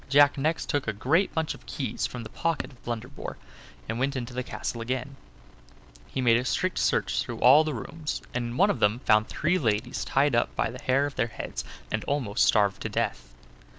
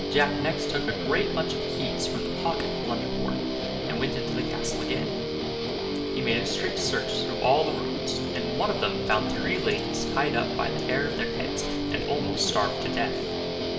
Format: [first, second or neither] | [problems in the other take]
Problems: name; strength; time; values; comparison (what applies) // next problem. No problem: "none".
first | background sound (Guitar); 1 dB above the speech // room echo; dies away in 0.8 s